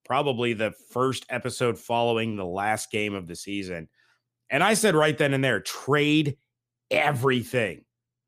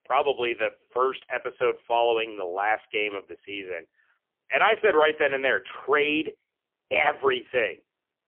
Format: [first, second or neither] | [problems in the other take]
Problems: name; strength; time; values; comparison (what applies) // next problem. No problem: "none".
first | phone-call audio; poor line; nothing above 3 kHz